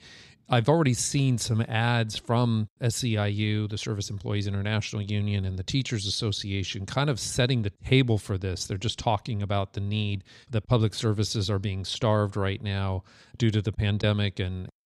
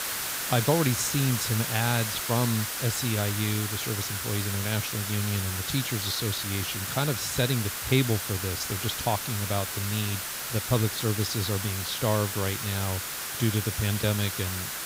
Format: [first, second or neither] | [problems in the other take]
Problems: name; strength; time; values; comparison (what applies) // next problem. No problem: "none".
first | hiss; loud; throughout; 2 dB below the speech